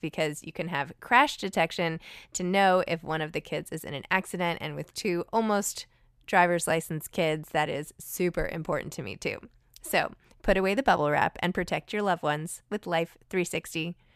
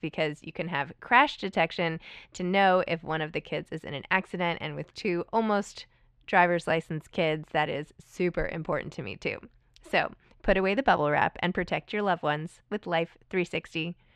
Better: first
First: none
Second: muffled; slightly; fading above 3 kHz

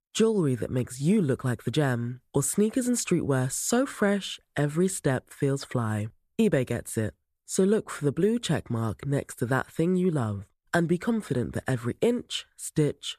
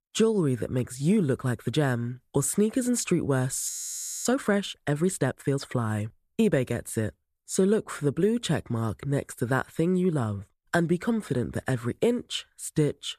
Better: first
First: none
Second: audio freezing; at 3.5 s for 0.5 s

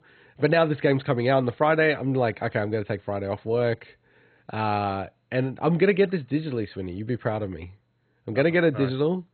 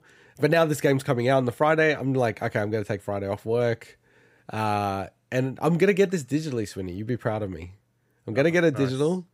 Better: second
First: garbled, watery; badly; nothing above 4 kHz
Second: none

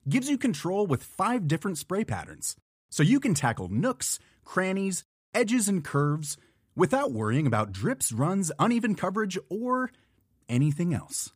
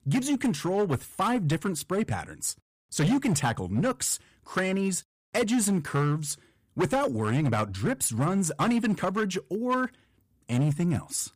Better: first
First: none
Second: distortion; slight; 9% of the sound clipped

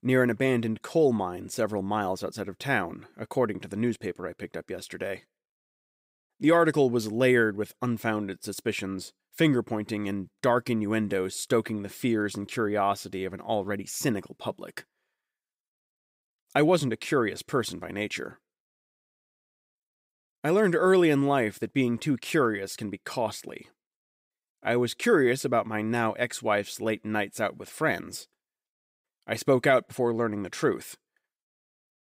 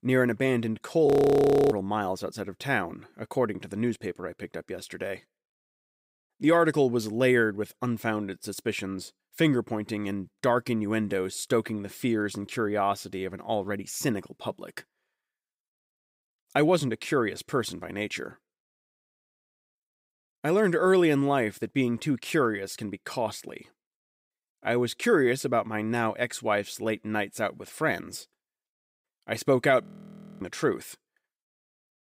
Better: first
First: none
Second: audio freezing; at 1 s for 0.5 s and at 30 s for 0.5 s

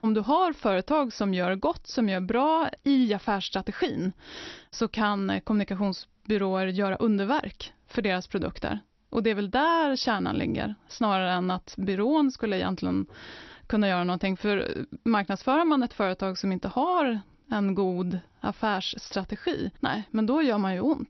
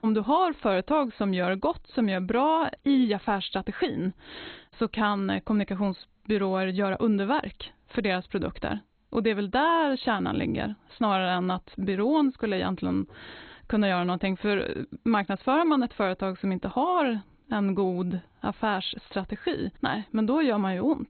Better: first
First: garbled, watery; slightly; nothing above 6 kHz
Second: garbled, watery; badly; nothing above 4 kHz

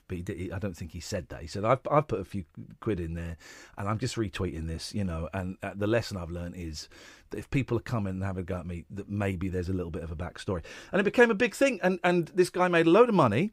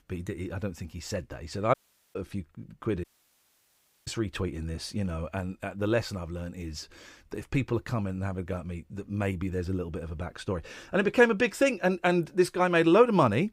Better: first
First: none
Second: audio cutting out; at 1.5 s and at 3 s for 1 s

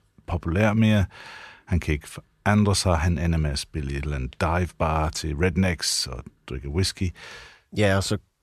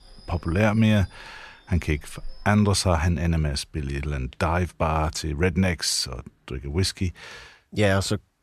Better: first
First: none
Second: train or aircraft noise; faint; throughout; 25 dB below the speech

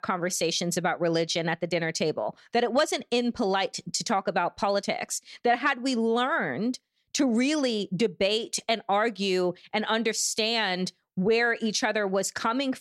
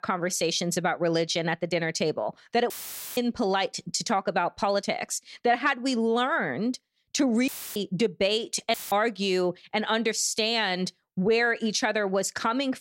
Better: first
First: none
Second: audio cutting out; filled with static; at 2.5 s, at 7.5 s and at 8.5 s

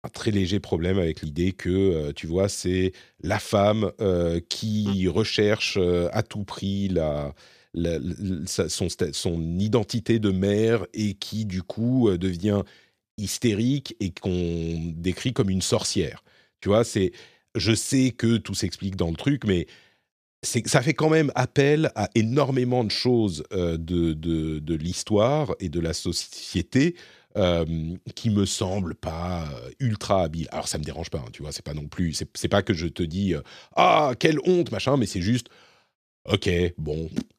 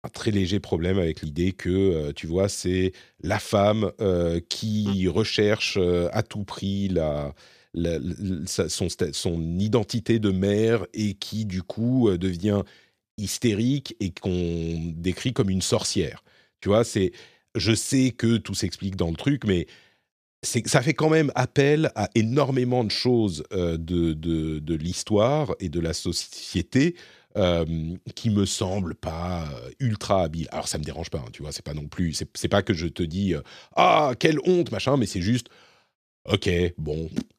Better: neither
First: none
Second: none

